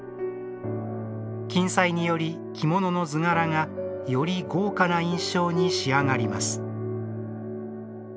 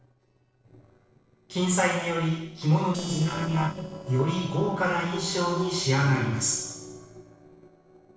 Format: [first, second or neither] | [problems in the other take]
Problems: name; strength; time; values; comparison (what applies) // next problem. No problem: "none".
first | noise reduction (neural separator model SepFormer DNS4)